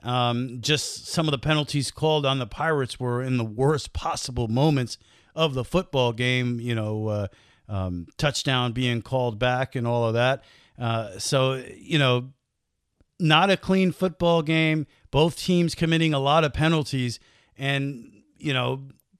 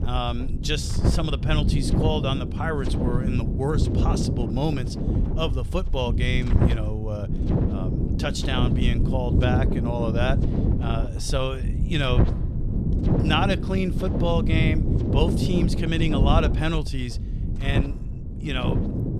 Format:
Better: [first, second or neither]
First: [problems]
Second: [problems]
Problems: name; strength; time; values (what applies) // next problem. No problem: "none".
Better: first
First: none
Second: wind noise on the microphone; heavy; 5 dB below the speech